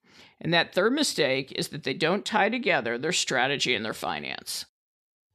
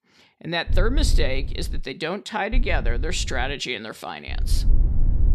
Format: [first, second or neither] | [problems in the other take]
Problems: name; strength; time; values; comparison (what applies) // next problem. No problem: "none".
first | low rumble; noticeable; from 0.5 to 2 s, at 2.5 s and from 4.5 s on; 15 dB below the speech